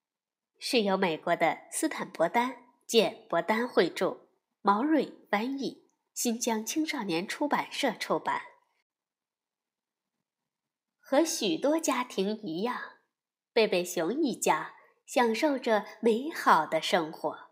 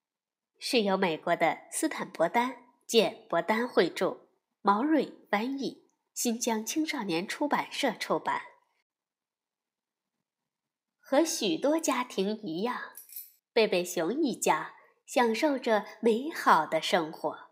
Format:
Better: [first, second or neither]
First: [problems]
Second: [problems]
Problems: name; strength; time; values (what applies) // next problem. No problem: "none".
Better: first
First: none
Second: jangling keys; faint; at 13 s; peak 15 dB below the speech